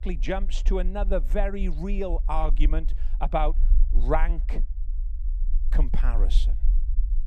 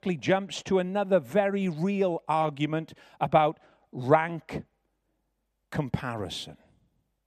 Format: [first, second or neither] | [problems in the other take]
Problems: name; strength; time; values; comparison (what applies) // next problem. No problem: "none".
second | low rumble; faint; throughout; 20 dB below the speech